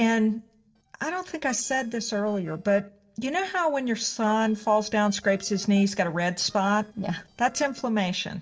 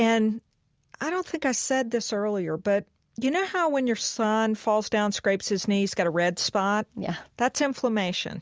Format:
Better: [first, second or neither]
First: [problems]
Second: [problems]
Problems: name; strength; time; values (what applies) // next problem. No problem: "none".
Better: second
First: noise reduction (neural separator model SepFormer DNS4)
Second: none